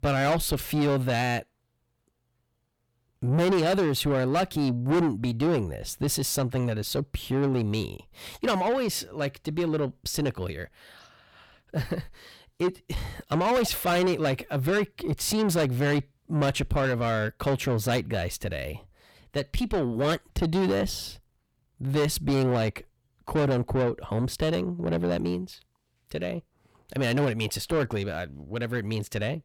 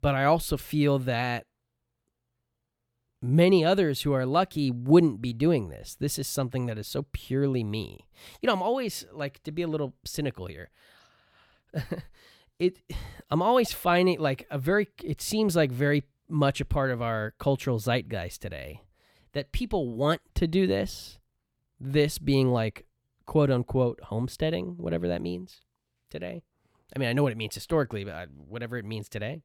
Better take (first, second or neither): second